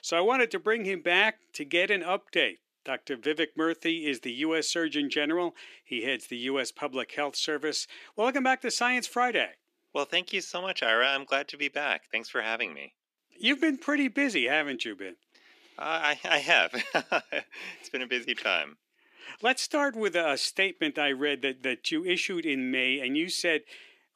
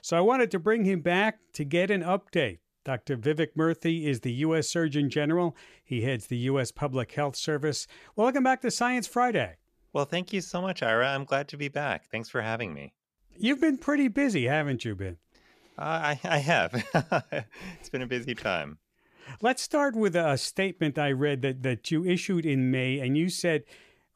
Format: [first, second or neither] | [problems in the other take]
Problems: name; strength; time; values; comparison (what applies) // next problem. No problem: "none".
second | thin; very slightly; fading below 300 Hz